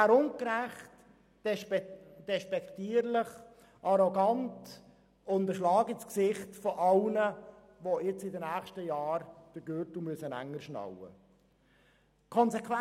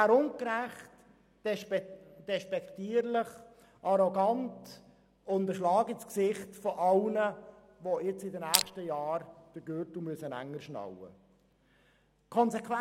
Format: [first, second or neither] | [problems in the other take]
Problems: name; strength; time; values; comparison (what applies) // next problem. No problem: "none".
first | background sound (Crushing); 2 dB above the speech